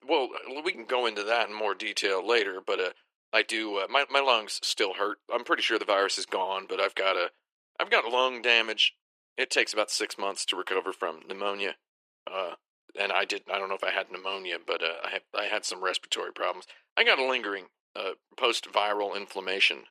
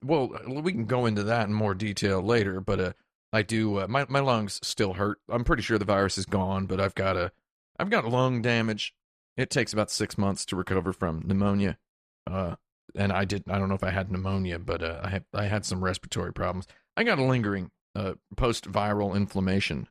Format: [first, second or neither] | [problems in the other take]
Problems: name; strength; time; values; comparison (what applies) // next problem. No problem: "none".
second | thin; very; fading below 350 Hz